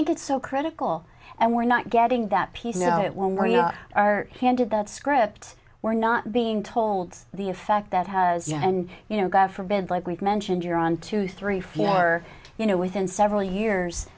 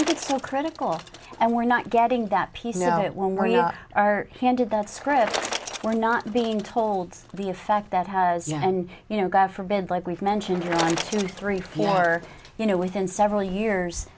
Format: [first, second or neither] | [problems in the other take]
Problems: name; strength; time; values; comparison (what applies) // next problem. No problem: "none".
first | background sound (Bicycle); 14 dB below the speech